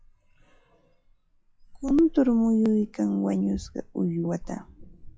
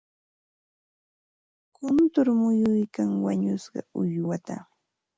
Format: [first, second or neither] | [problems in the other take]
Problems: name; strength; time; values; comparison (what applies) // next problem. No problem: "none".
second | noise reduction (classical method log-MMSE)